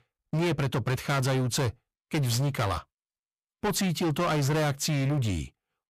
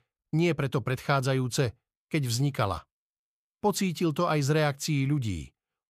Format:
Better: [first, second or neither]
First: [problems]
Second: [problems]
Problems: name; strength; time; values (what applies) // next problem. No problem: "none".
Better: second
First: distortion; heavy; 23% of the sound clipped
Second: none